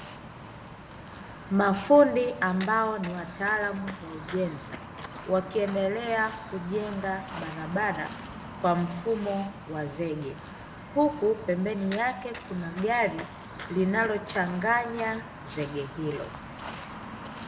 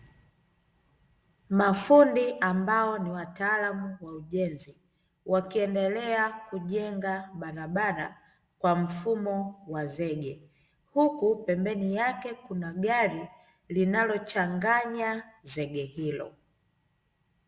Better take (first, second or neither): second